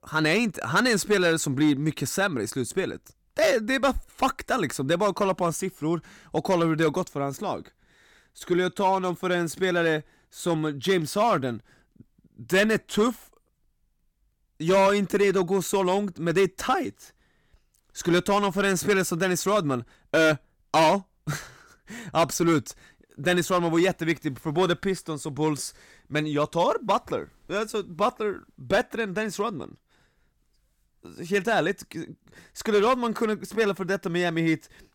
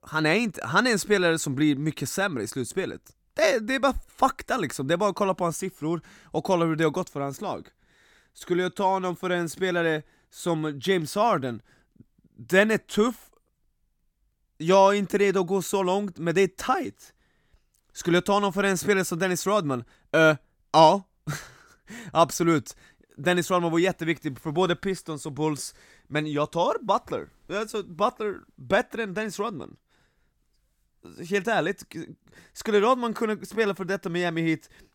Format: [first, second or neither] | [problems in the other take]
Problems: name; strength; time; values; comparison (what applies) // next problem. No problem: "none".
second | distortion; slight; 3% of the sound clipped